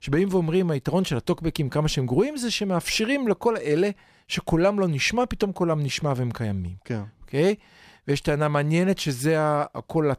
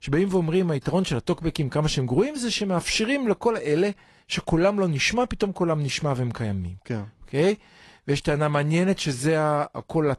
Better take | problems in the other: first | garbled, watery; slightly

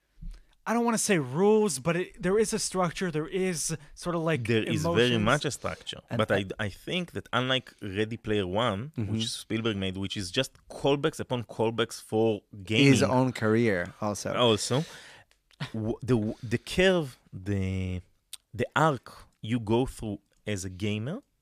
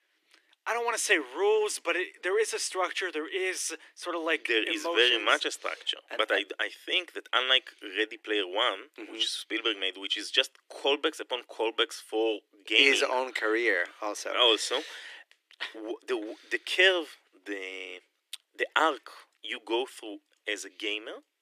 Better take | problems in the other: first | thin; very; fading below 300 Hz

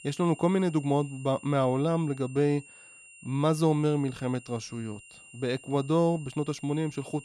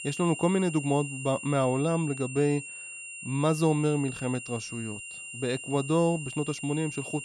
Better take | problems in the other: first | high-pitched whine; loud; throughout; 3 kHz, 10 dB below the speech; faint in the first

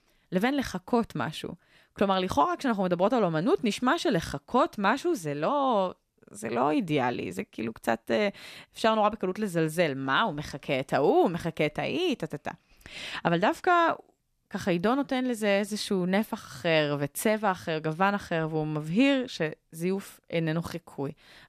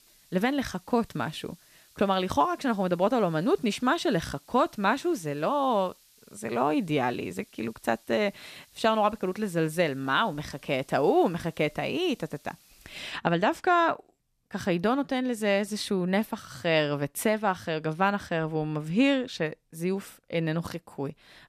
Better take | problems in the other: first | hiss; faint; until 13 s; 30 dB below the speech

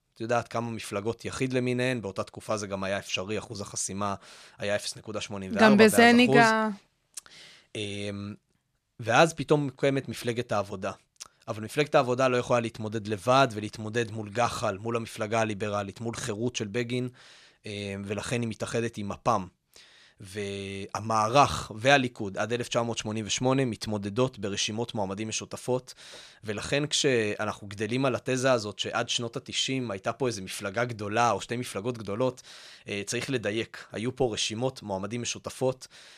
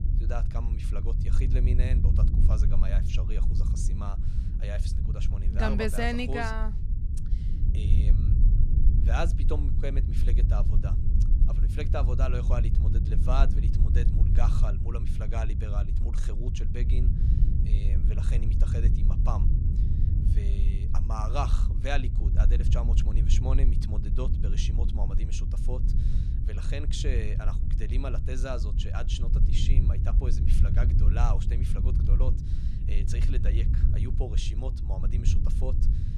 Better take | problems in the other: first | low rumble; loud; throughout; 6 dB below the speech

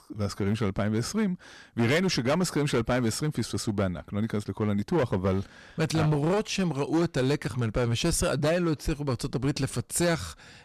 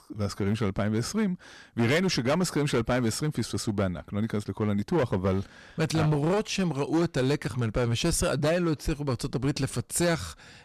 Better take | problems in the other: neither | distortion; slight; 9% of the sound clipped; the same in both

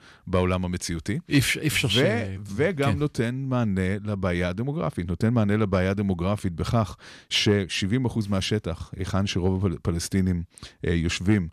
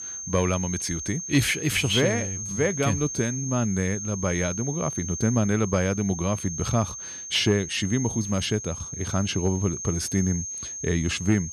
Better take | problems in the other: first | high-pitched whine; loud; throughout; 6.5 kHz, 6 dB below the speech

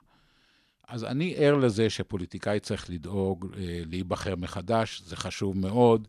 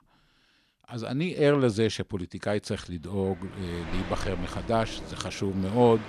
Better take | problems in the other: first | train or aircraft noise; noticeable; from 3.5 s on; 15 dB below the speech

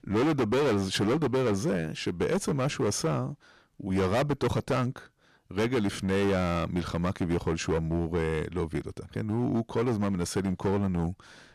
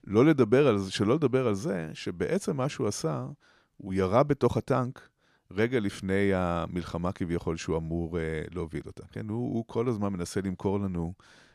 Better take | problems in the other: second | distortion; heavy; 15% of the sound clipped

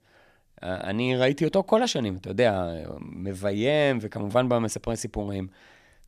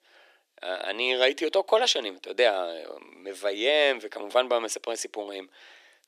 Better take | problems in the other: first | thin; very; fading below 350 Hz

